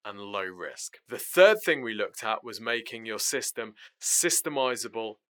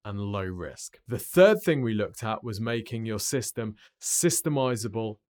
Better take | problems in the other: second | thin; somewhat; fading below 450 Hz

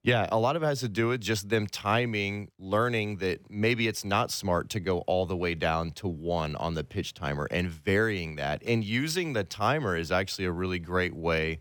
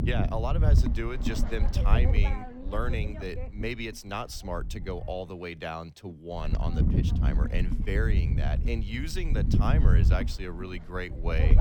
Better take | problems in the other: first | wind noise on the microphone; heavy; 5 dB below the speech

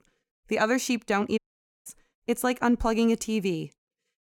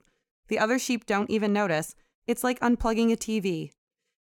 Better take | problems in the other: second | audio cutting out; at 1.5 s

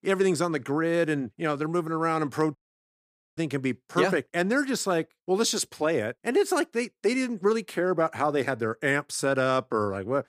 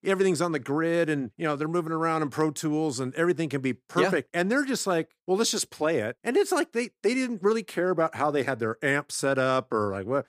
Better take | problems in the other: second | audio cutting out; at 2.5 s for 1 s

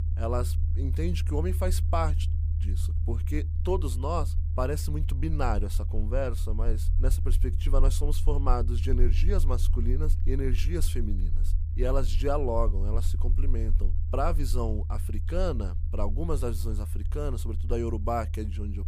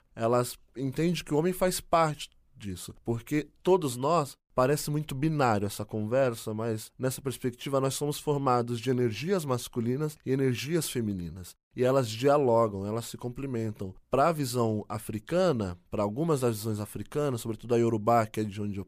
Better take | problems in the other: second | low rumble; noticeable; throughout; 15 dB below the speech

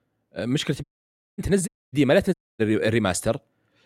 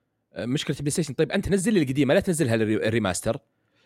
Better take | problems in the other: second | audio cutting out; at 1 s for 0.5 s, at 1.5 s and at 2.5 s

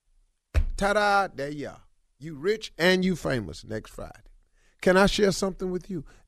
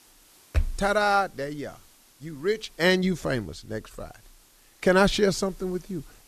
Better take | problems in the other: first | hiss; faint; throughout; 30 dB below the speech

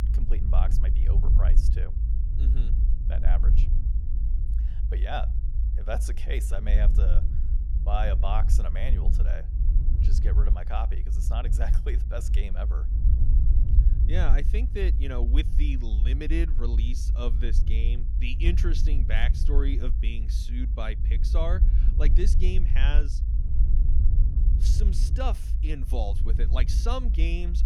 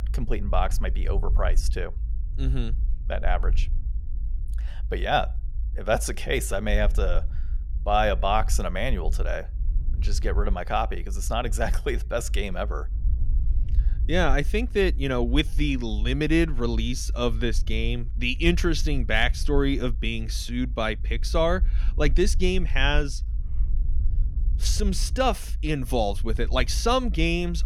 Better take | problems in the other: second | low rumble; loud; throughout; 8 dB below the speech; faint in the second

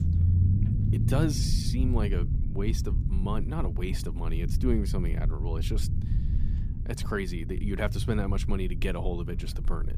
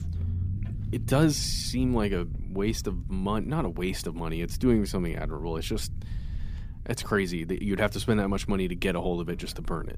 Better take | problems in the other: second | low rumble; loud; throughout; 7 dB below the speech; faint in the second

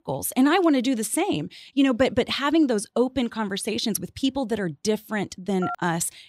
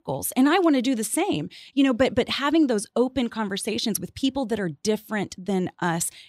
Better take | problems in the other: second | phone ringing; noticeable; at 5.5 s; peak 9 dB below the speech

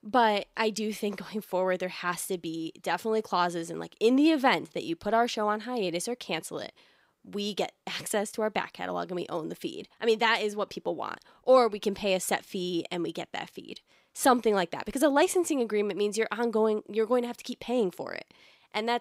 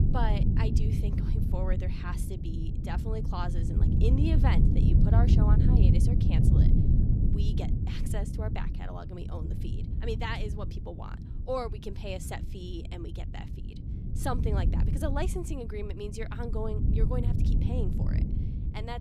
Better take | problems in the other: first | low rumble; loud; throughout; 2 dB below the speech

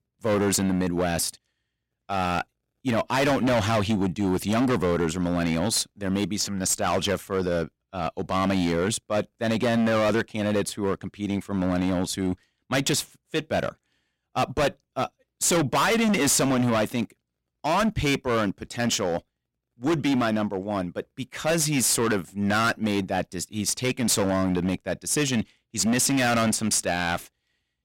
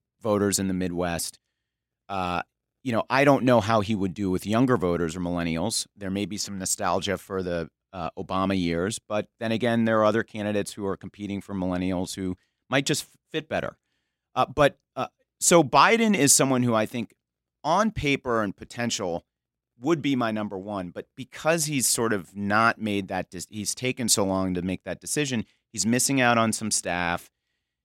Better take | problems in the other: second | distortion; heavy; 14% of the sound clipped

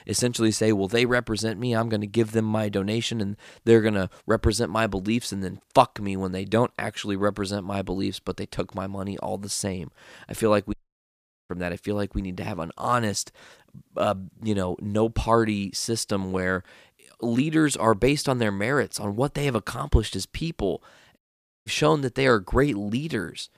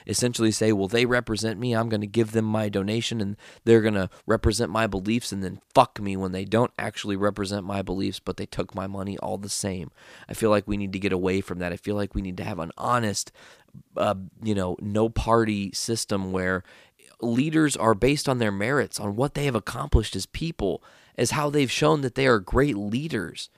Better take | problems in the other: second | audio cutting out; at 11 s for 1 s and at 21 s

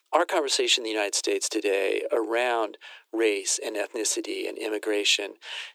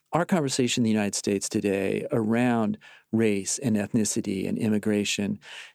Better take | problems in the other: second | thin; very; fading below 300 Hz

